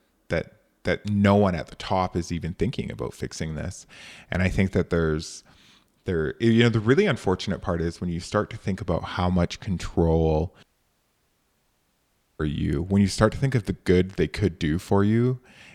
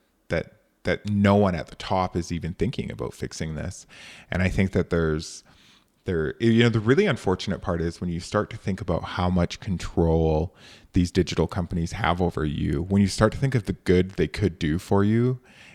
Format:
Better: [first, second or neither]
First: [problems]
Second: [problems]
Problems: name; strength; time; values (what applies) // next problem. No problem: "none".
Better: second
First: audio cutting out; at 11 s for 2 s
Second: none